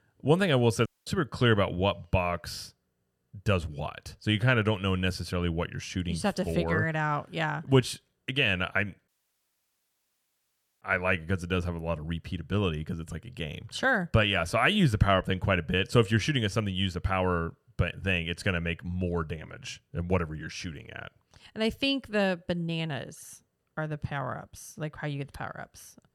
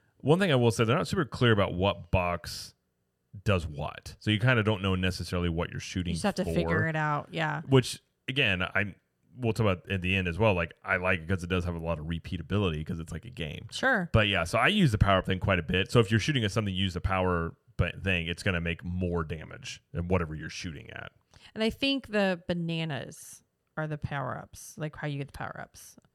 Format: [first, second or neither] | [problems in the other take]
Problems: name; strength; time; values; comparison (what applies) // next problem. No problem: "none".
second | audio cutting out; at 1 s and at 9 s for 1.5 s